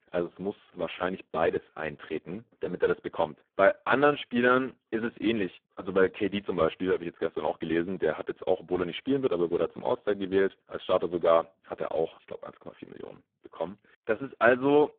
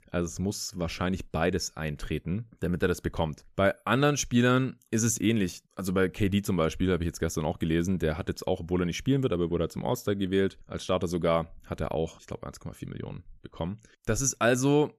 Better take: second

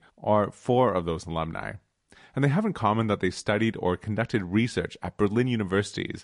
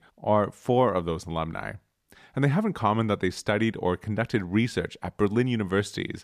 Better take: second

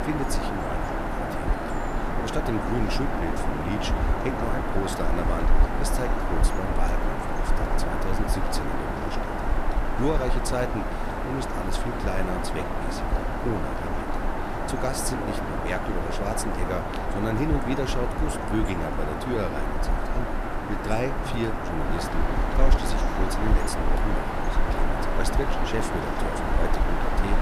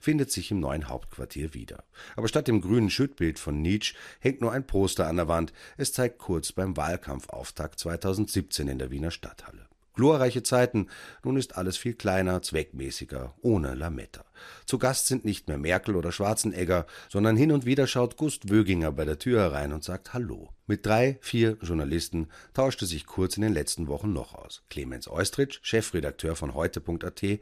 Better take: second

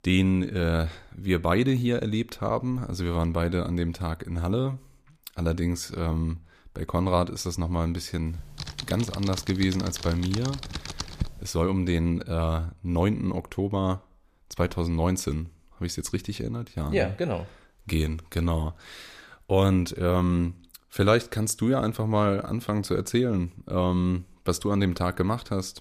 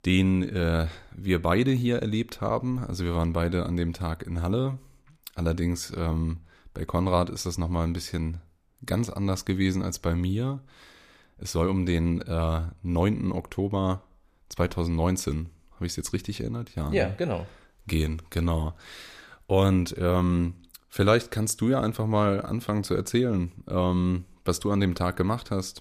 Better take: second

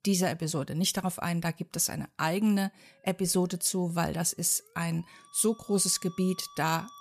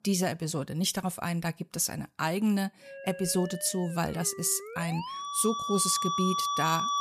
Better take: first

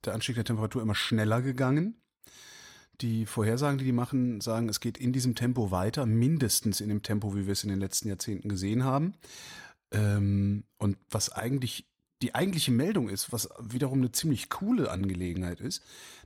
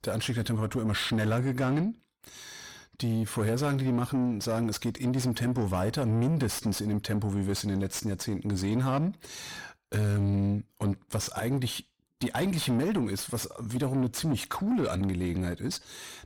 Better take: first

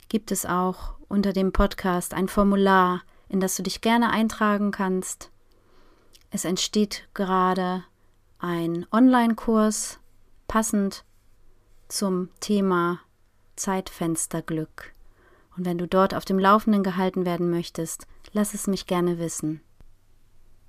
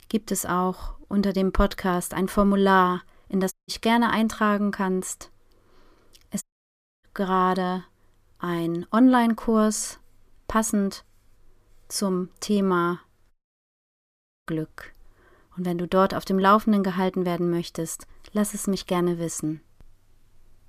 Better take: first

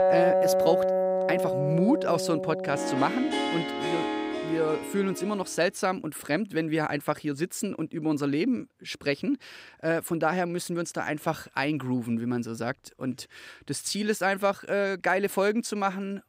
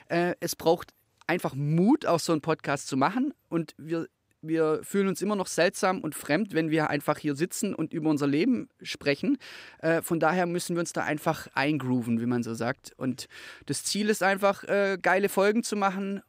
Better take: second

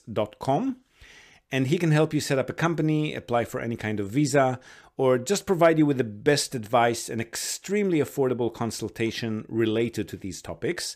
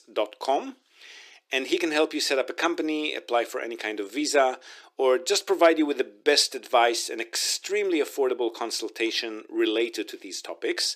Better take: first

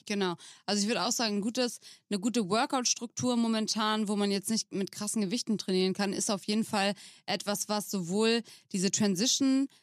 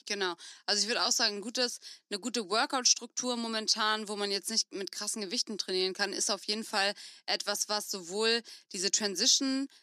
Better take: first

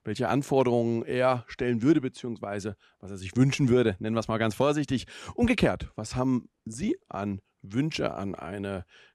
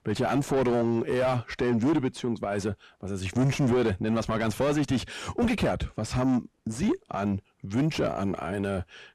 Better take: first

